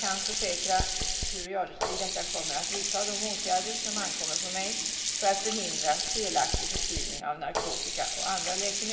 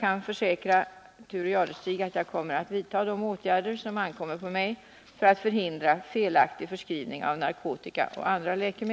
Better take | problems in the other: second | background sound (Sink (filling or washing)); 2 dB above the speech // room echo; dies away in 1.7 s

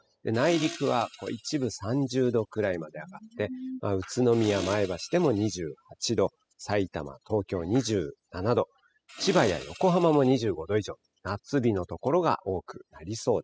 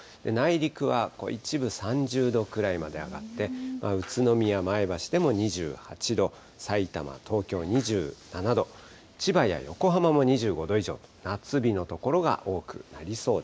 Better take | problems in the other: second | noise reduction (classical method spectral subtraction)

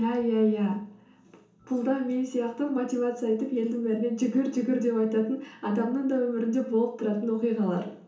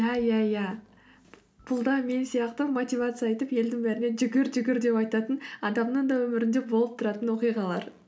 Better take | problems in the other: second | room echo; dies away in 0.7 s

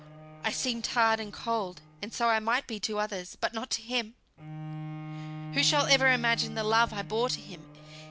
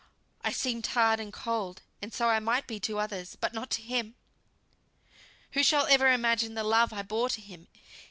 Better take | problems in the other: second | background sound (Bowed string instrument); 13 dB below the speech

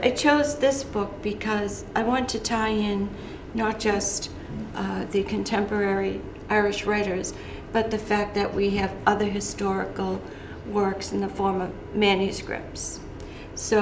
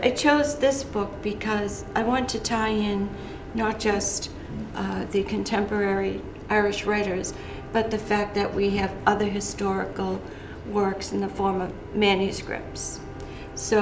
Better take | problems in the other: first | background sound (Bowed string instrument + Rain); 19 dB below the speech

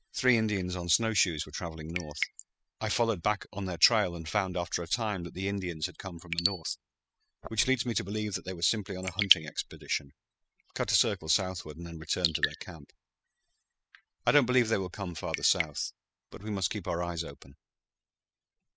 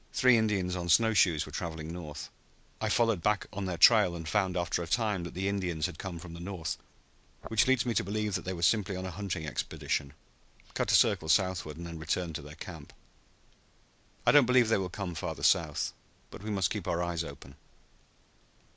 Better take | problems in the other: second | noise reduction (classical method spectral subtraction)

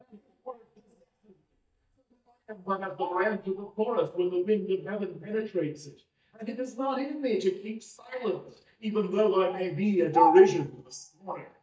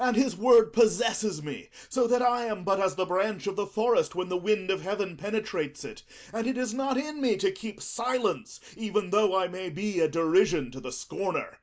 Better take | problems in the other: second | noise reduction (neural mask model DeepFilterNet 3)

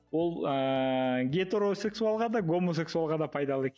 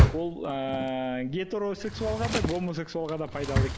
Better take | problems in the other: first | background sound (Drawer open or close); 2 dB above the speech

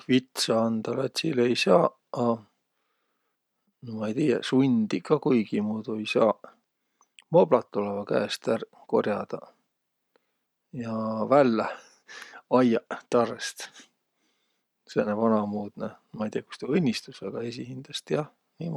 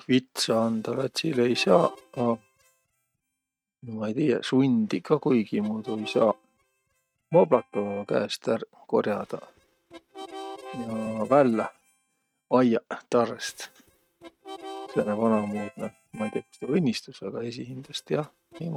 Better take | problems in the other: first | noise reduction (neural mask model RNNoise)

